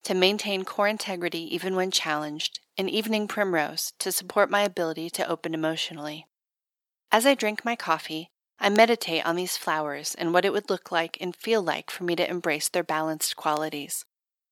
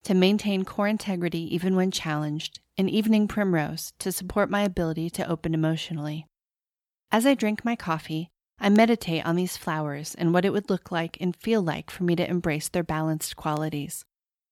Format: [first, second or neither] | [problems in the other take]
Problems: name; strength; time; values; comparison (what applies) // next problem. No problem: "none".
second | thin; somewhat; fading below 450 Hz